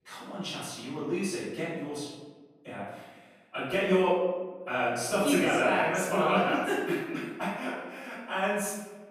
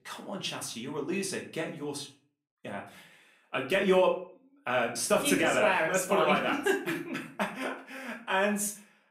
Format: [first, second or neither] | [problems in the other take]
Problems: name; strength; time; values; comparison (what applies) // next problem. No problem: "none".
second | room echo; strong; dies away in 1.1 s; slight in the second // off-mic speech; far; far in the second